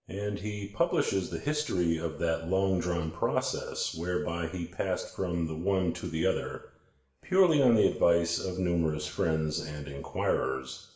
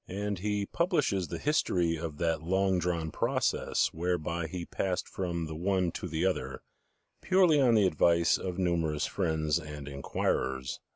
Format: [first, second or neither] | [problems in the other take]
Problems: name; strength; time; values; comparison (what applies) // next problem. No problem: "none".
second | room echo; dies away in 0.7 s